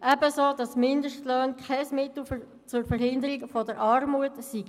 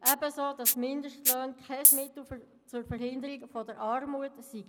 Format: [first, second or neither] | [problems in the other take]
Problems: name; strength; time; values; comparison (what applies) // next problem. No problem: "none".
first | background sound (Rattle (instrument)); 5 dB above the speech